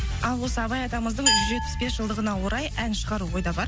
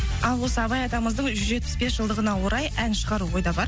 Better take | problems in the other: second | background sound (Glass); 3 dB below the speech

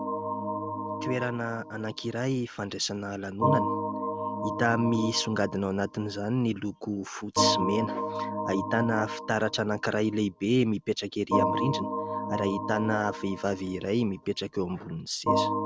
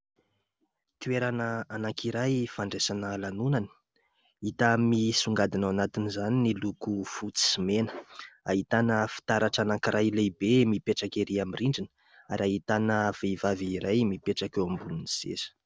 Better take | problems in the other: second | background sound (Organ); 3 dB below the speech

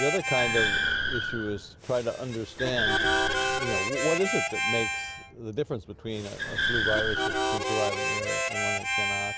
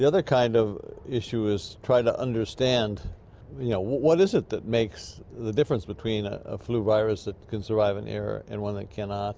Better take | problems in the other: second | background sound (Harmonica + Car); 3 dB above the speech

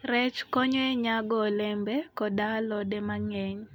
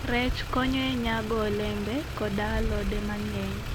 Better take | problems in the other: first | background sound (Motor vehicle (road)); 3 dB below the speech

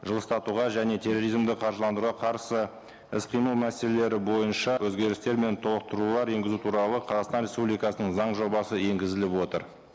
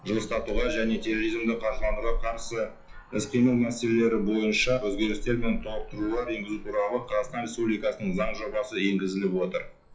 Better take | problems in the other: first | noise reduction (classical method WPE with log-MMSE)

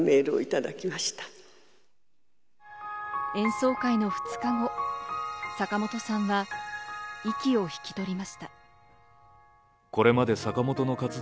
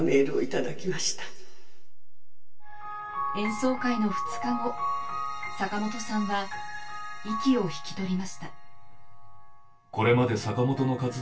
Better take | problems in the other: first | room echo; dies away in 0.2 s

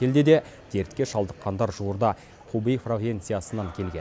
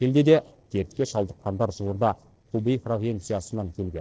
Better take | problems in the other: first | noise reduction (neural separator model SepFormer DNS4)

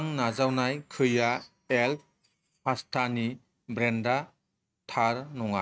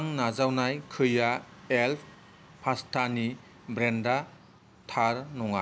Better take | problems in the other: second | noise reduction (neural mask model RNNoise)

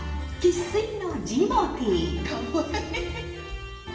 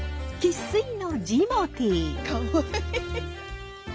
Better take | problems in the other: second | room echo; dies away in 1.2 s

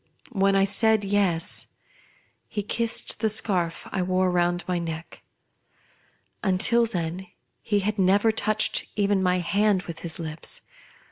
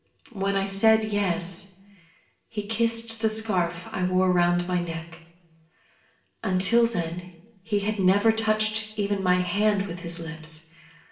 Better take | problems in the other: first | room echo; dies away in 0.9 s

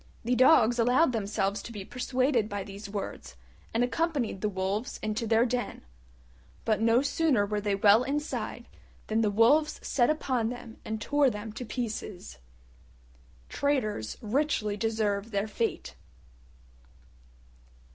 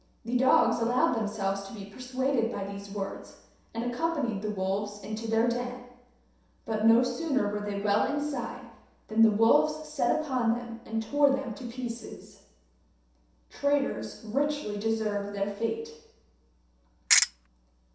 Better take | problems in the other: first | background sound (Ratchet, pawl); 5 dB above the speech // room echo; dies away in 0.7 s

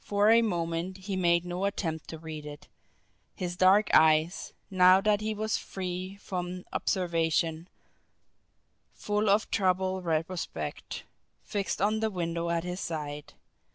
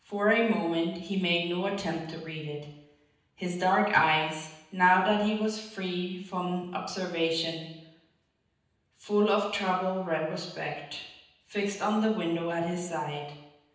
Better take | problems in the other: first | room echo; dies away in 0.9 s

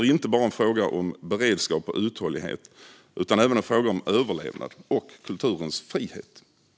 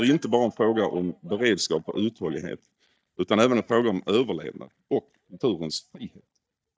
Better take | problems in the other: first | noise reduction (neural mask model DeepFilterNet 3)

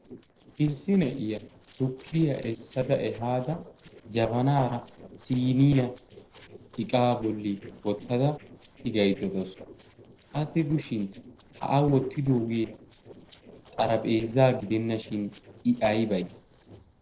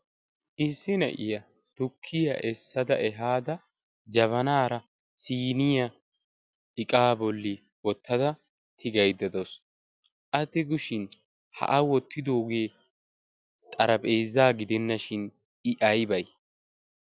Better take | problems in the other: second | noise reduction (neural separator model SepFormer DNS4)

